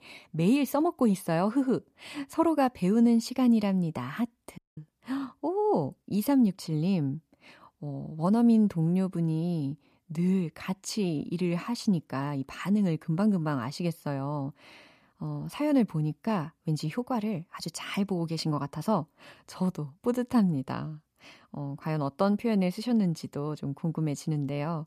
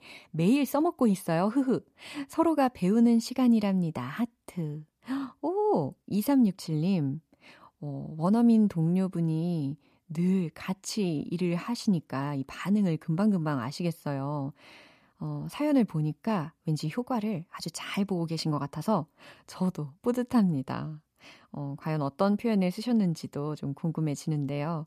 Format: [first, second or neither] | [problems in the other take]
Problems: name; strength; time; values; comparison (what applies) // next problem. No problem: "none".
second | audio cutting out; at 4.5 s